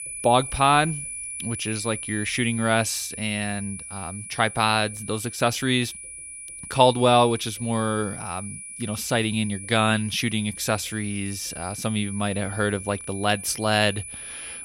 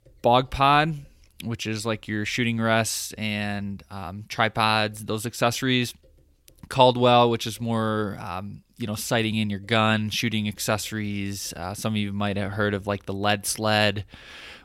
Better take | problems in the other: second | high-pitched whine; noticeable; throughout; 10 kHz, 10 dB below the speech

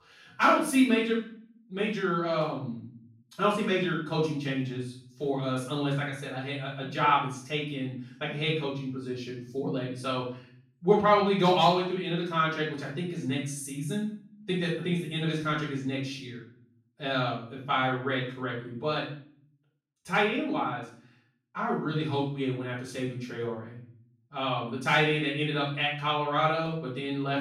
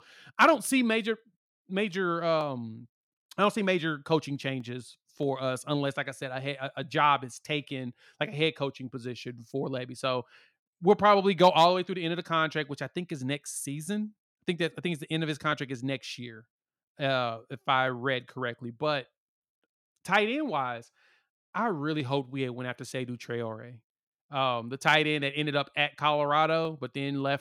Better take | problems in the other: second | off-mic speech; far // room echo; noticeable; dies away in 0.5 s

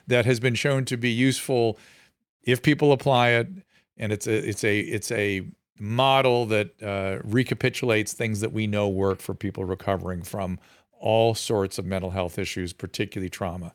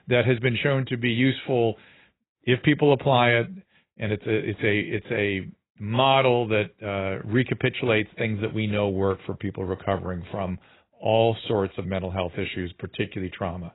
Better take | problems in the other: first | garbled, watery; badly; nothing above 4 kHz

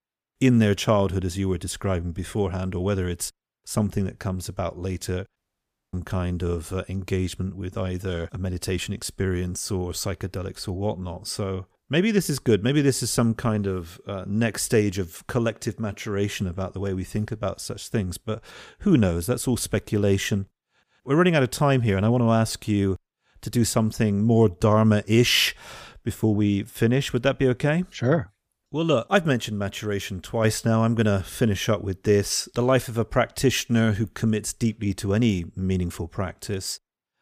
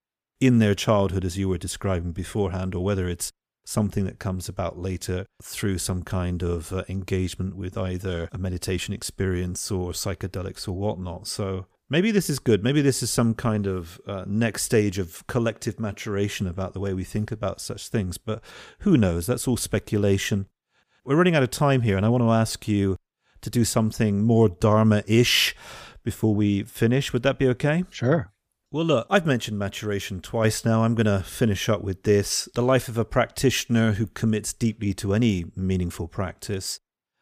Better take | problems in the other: second | audio cutting out; at 5.5 s for 0.5 s

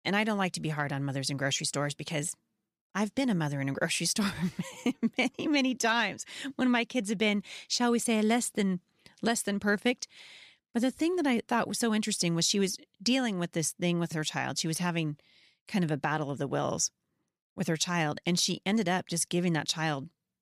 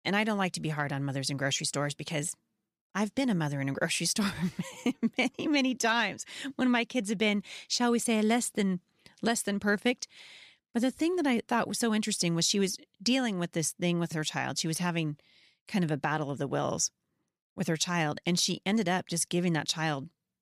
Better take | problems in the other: neither | none

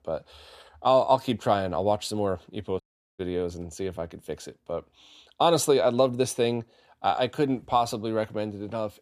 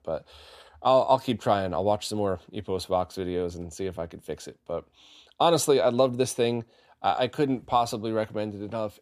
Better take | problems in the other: second | audio cutting out; at 3 s

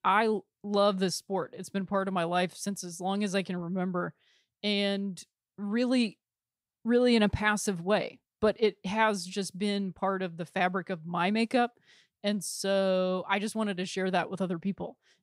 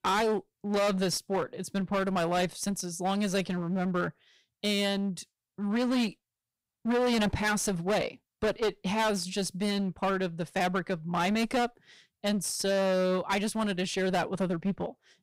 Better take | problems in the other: first | distortion; heavy; 18% of the sound clipped

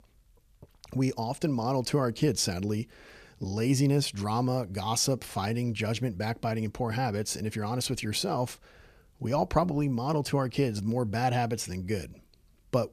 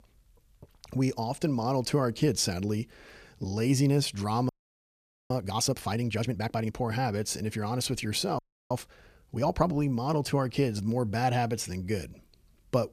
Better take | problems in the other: first | audio freezing; at 4.5 s for 1 s and at 8.5 s

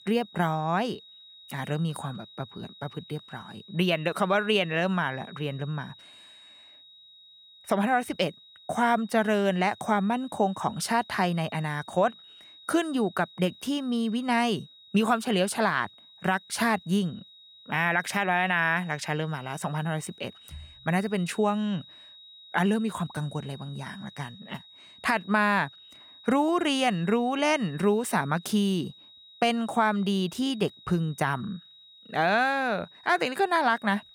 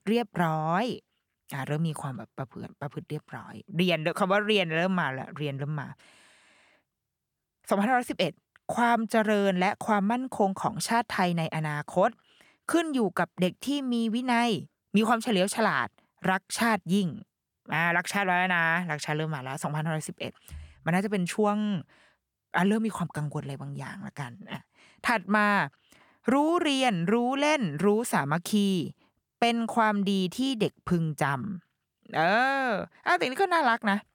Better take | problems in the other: second | high-pitched whine; faint; throughout; 4 kHz, 20 dB below the speech

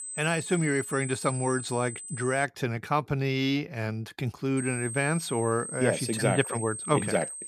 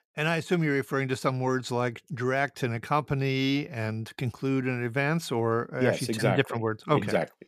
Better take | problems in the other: second | high-pitched whine; loud; until 2.5 s and from 4.5 s on; 8.5 kHz, 7 dB below the speech

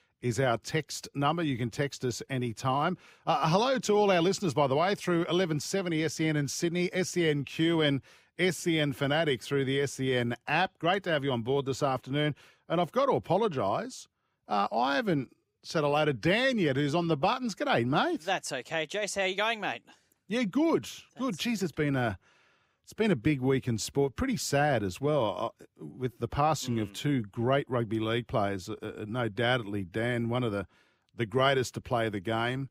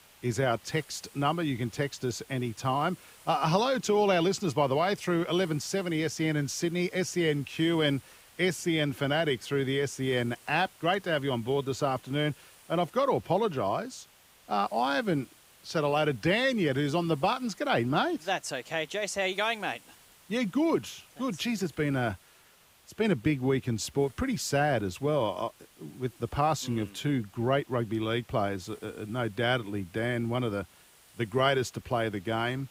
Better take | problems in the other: first | hiss; faint; throughout; 25 dB below the speech

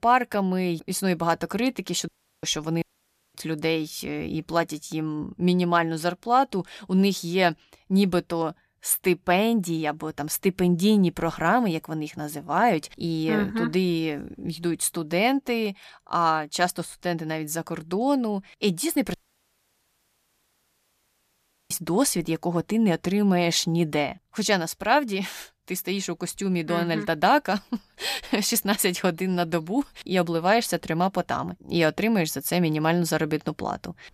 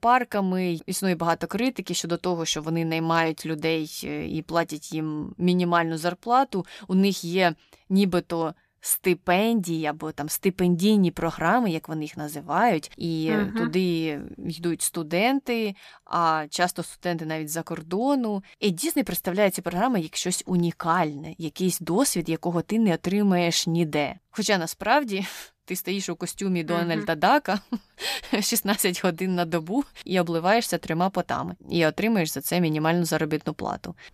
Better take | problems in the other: second | audio cutting out; at 2 s, at 3 s for 0.5 s and at 19 s for 2.5 s

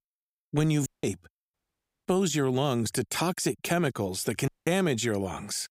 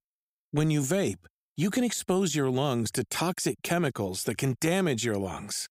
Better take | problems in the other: second | audio cutting out; at 1 s, at 1.5 s for 0.5 s and at 4.5 s

